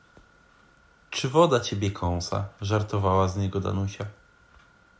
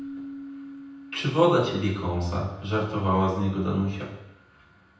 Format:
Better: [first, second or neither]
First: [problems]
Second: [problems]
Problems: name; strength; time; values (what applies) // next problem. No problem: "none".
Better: first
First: none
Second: background sound (Keyboard (musical)); 18 dB below the speech // room echo; dies away in 0.9 s